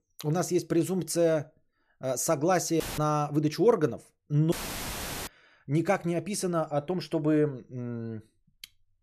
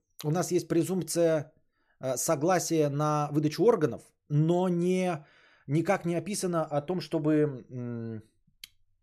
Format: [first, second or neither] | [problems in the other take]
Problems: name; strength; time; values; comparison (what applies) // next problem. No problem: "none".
second | audio cutting out; filled with static; at 3 s and at 4.5 s for 1 s